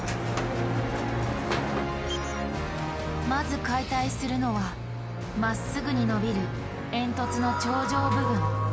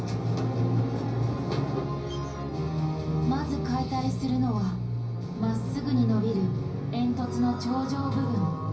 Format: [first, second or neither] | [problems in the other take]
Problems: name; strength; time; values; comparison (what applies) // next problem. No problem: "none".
first | room echo; dies away in 0.5 s